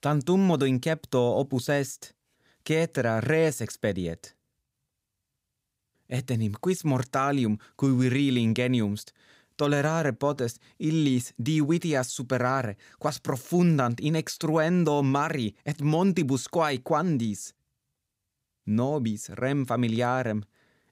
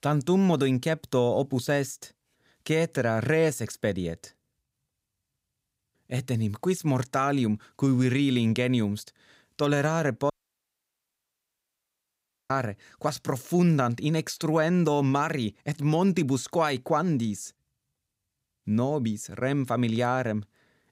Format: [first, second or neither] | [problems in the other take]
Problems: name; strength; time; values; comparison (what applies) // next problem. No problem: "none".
first | audio cutting out; at 10 s for 2 s